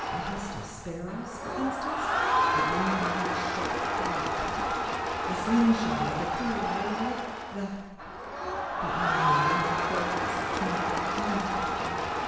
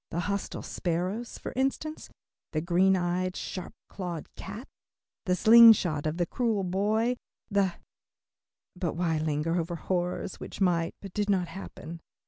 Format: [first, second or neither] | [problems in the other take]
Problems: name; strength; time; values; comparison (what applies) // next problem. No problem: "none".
second | background sound (Crowd); 4 dB above the speech // room echo; dies away in 1.1 s